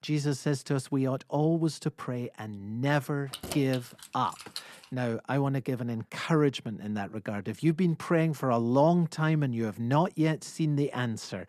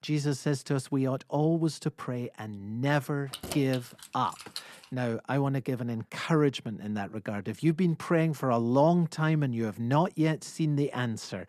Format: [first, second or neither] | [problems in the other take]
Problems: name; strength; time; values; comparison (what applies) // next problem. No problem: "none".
neither | jangling keys; noticeable; from 3.5 to 5 s; peak 9 dB below the speech; the same in both